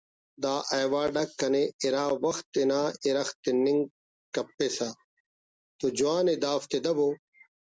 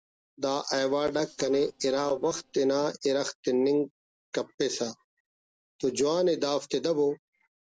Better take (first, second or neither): first